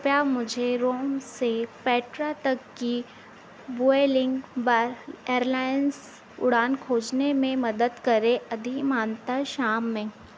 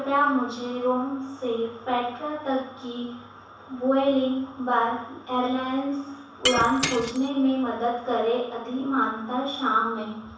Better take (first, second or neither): first